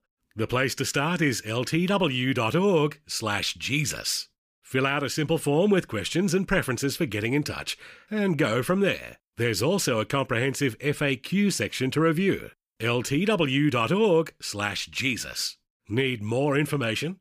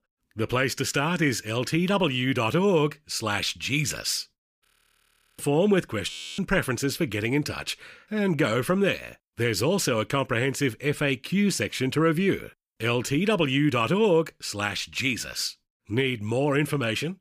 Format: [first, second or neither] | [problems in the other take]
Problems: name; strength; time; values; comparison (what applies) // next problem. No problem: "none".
first | audio freezing; at 4.5 s for 0.5 s and at 6 s